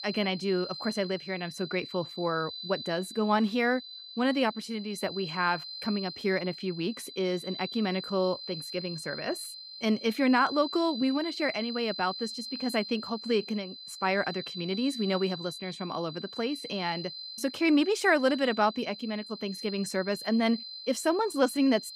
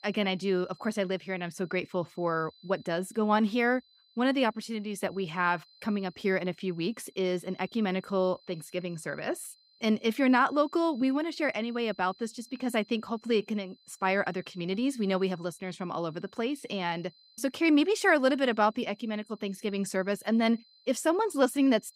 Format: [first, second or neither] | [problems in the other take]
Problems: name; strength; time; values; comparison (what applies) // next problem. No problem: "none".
second | high-pitched whine; loud; throughout; 4 kHz, 10 dB below the speech; faint in the second